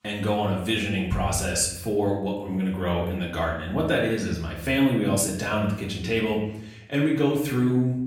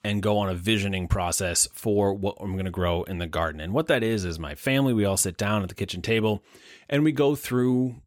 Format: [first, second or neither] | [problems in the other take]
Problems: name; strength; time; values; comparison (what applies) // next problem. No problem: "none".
second | off-mic speech; far // room echo; noticeable; dies away in 0.8 s